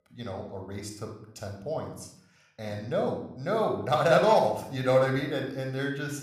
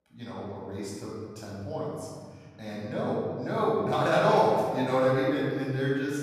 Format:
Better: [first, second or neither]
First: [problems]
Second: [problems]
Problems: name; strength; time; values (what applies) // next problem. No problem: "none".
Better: first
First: room echo; slight; dies away in 0.6 s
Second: room echo; strong; dies away in 2 s // off-mic speech; far